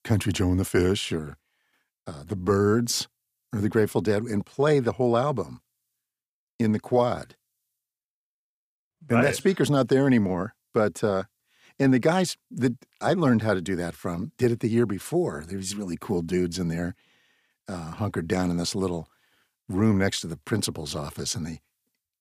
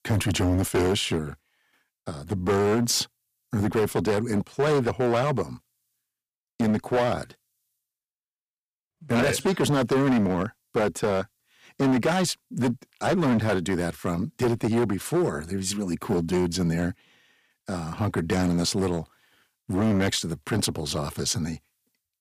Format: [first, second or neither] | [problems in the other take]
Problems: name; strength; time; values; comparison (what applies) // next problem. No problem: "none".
first | distortion; heavy; 10% of the sound clipped